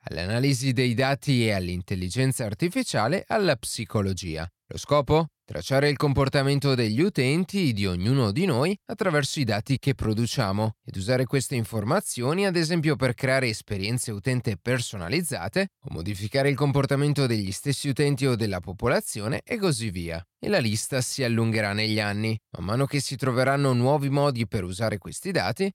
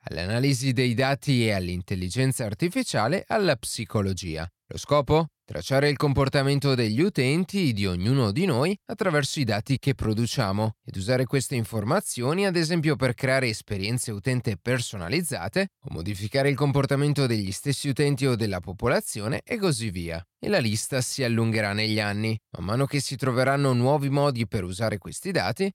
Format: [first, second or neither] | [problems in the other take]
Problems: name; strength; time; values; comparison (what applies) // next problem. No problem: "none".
neither | none